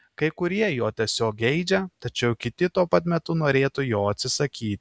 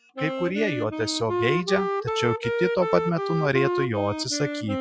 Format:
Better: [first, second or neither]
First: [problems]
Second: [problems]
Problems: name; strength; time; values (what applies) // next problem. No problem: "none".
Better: first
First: none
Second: noise reduction (classical method Wiener filter)